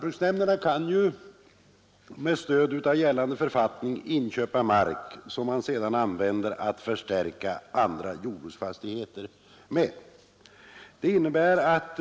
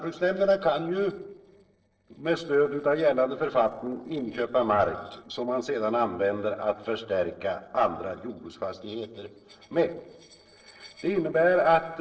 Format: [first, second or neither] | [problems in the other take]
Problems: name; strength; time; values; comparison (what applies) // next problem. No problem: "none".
first | noise reduction (neural separator model SepFormer DNS4)